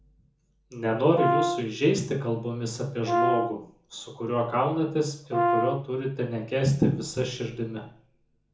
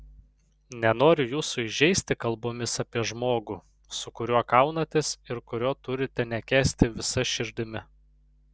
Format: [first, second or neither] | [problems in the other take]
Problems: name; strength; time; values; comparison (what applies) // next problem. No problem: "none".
second | background sound (Brass instrument); as loud as the speech // room echo; dies away in 0.6 s